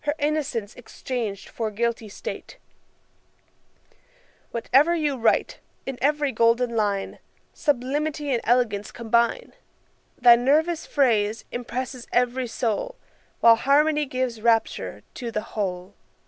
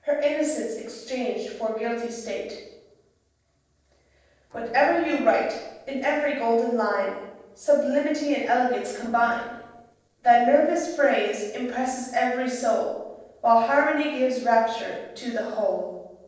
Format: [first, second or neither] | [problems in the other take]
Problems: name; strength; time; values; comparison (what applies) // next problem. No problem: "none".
first | noise reduction (neural separator model SepFormer DNS4)